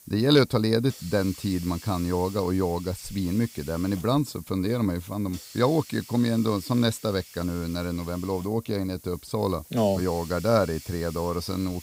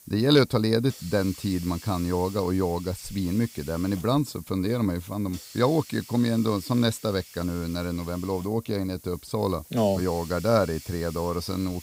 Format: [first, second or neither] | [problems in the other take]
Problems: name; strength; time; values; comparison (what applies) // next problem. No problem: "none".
neither | hiss; noticeable; throughout; 15 dB below the speech; the same in both